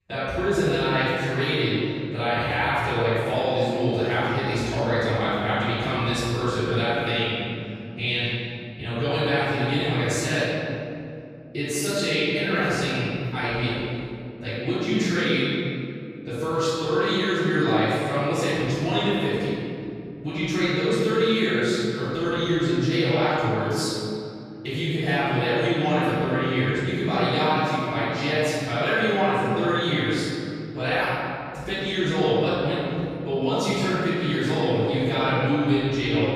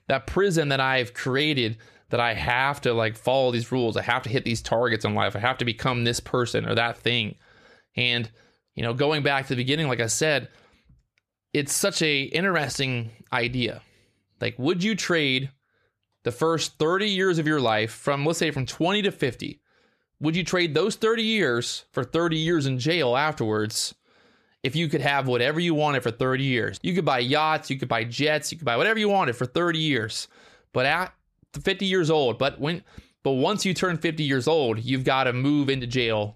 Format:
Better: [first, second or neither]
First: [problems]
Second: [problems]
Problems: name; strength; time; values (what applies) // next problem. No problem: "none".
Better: second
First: off-mic speech; far // room echo; strong; dies away in 2.6 s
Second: none